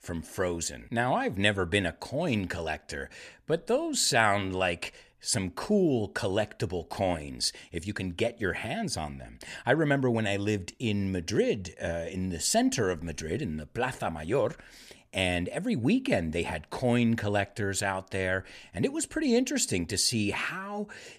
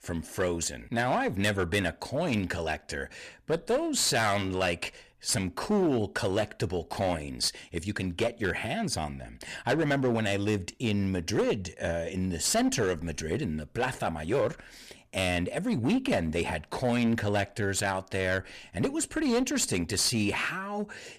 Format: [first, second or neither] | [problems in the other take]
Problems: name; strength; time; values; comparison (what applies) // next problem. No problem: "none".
first | distortion; slight; 8% of the sound clipped